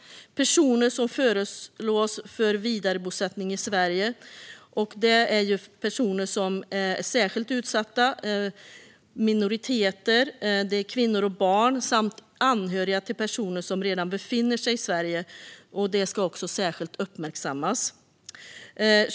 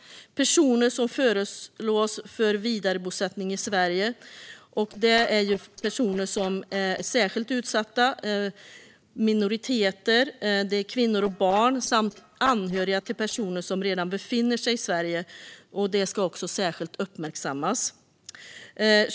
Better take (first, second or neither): first